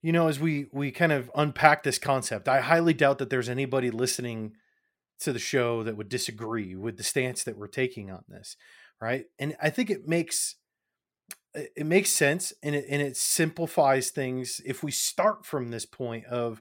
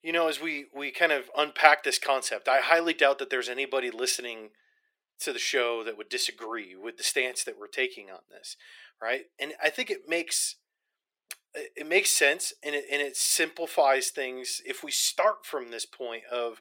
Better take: first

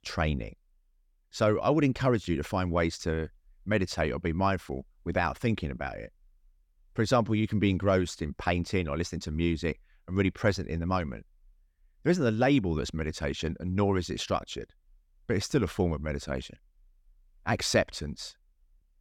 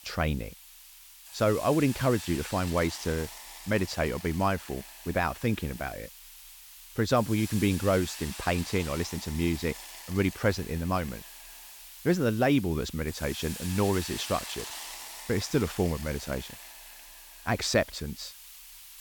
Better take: first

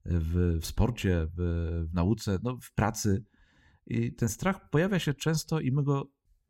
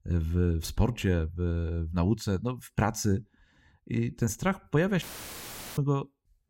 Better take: first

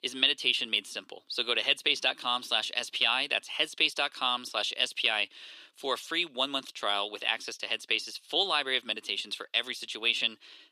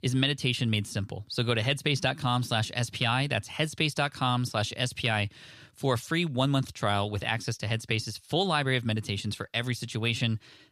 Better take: second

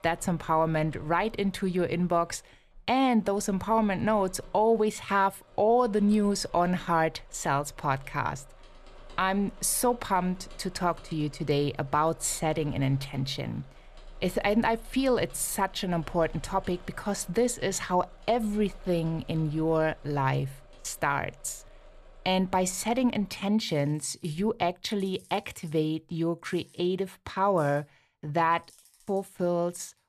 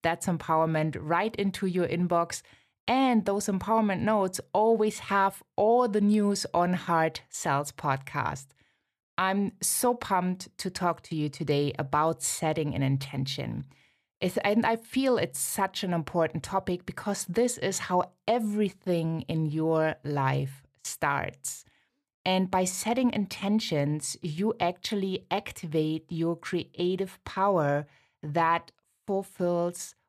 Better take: second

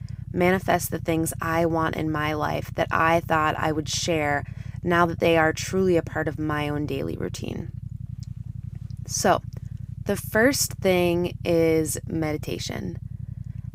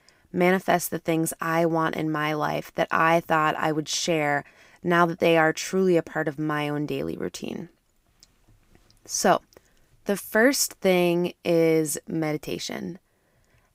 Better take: second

